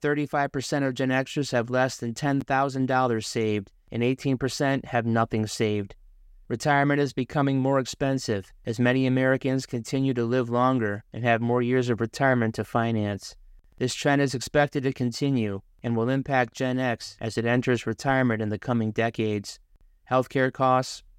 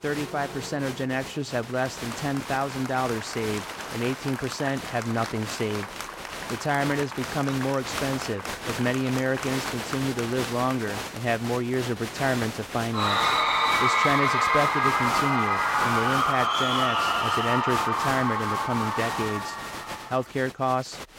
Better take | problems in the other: first | crowd noise; very loud; throughout; 2 dB above the speech

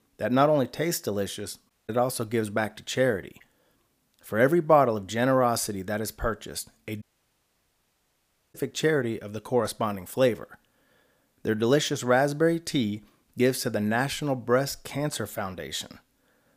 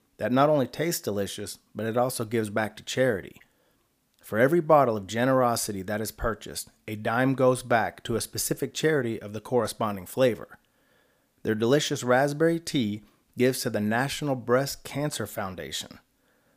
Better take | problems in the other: second | audio cutting out; at 1.5 s and at 7 s for 1.5 s

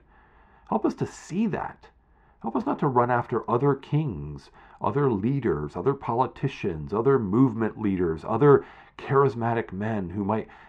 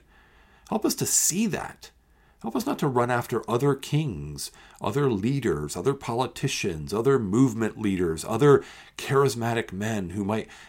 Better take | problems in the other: second | muffled; very; fading above 1.5 kHz

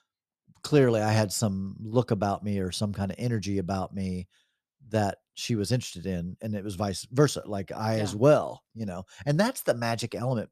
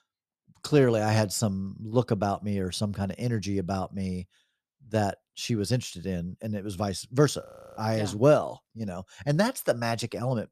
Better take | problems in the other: first | audio freezing; at 7.5 s

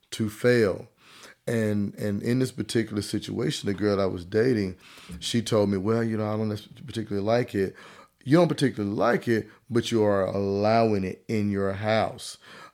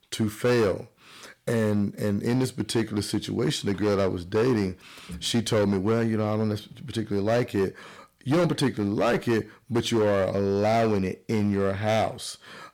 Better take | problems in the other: first | distortion; slight; 10% of the sound clipped

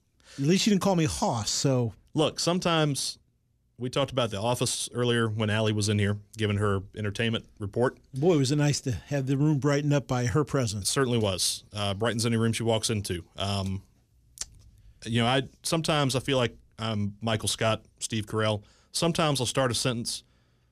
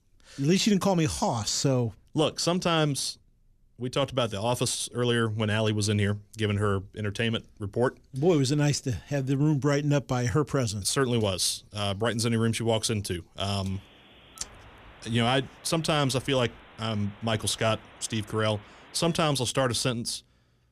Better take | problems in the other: first | alarms or sirens; faint; throughout; 25 dB below the speech

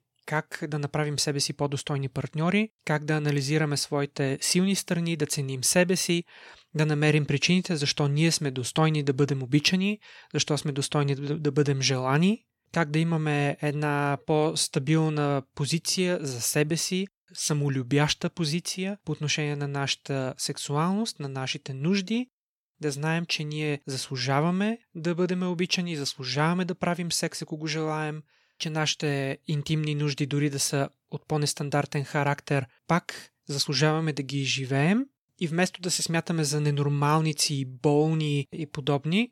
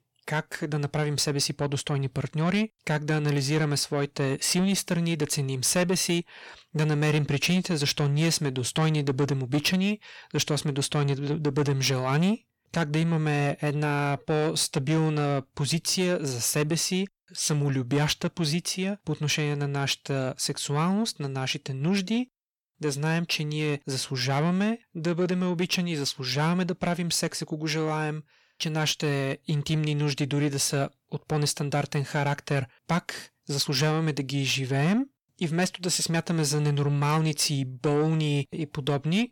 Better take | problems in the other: first | distortion; slight; 10 dB below the speech

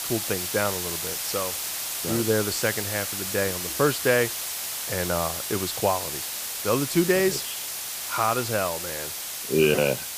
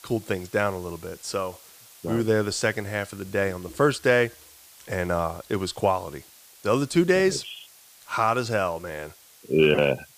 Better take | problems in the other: second | hiss; loud; throughout; 3 dB below the speech; faint in the second

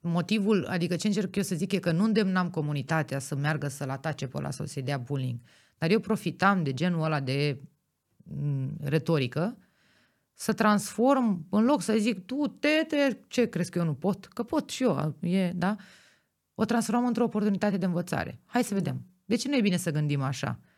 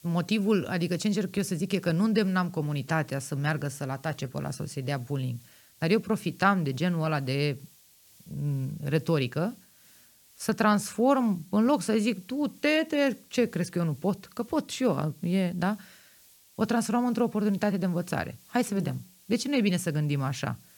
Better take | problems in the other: first | hiss; faint; throughout; 25 dB below the speech

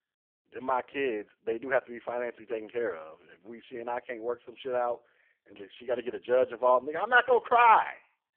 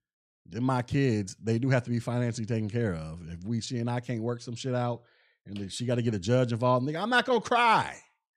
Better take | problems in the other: second | phone-call audio; poor line

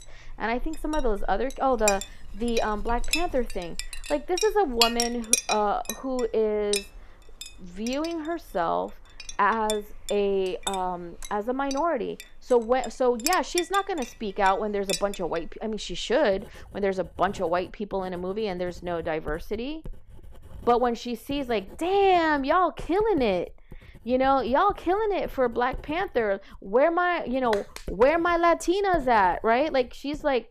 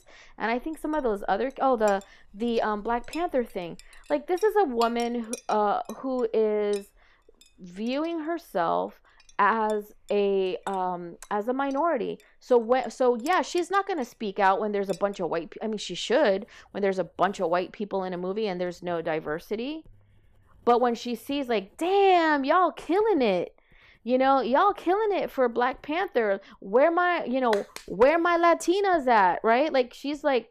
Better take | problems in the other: second | household noises; loud; throughout; 7 dB below the speech; faint in the second

